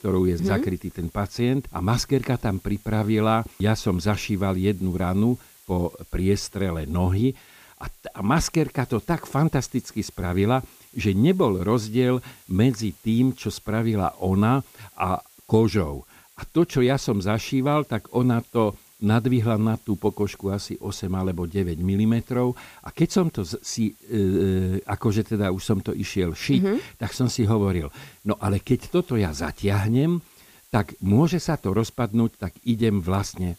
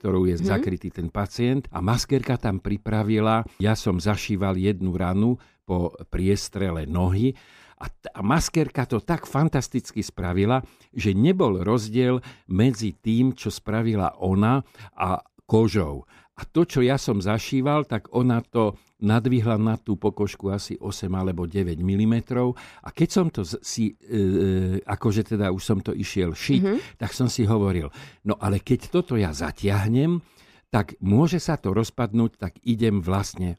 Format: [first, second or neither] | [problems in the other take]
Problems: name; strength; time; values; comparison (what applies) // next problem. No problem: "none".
second | hiss; faint; throughout; 25 dB below the speech